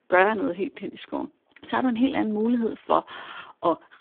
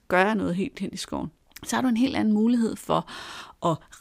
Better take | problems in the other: second | phone-call audio; poor line

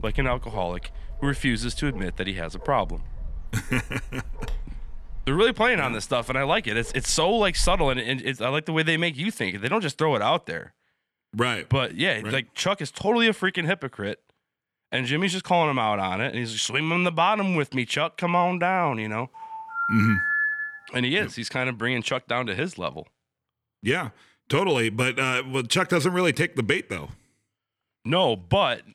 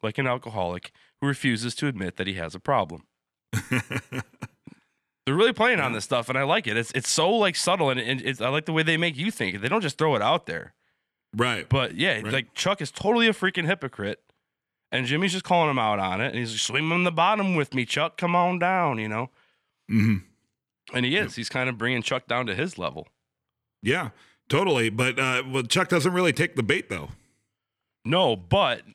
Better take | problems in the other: second | dog barking; noticeable; until 8 s; peak 10 dB below the speech // phone ringing; loud; from 19 to 21 s; peak 2 dB above the speech

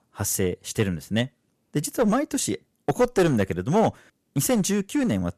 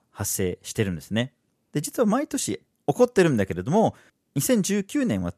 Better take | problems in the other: second | distortion; slight; 5% of the sound clipped

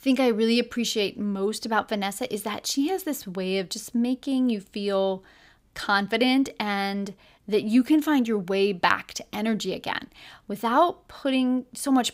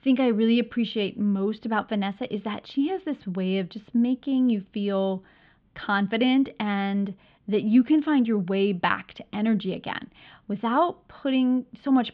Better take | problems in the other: first | muffled; very; fading above 3.5 kHz

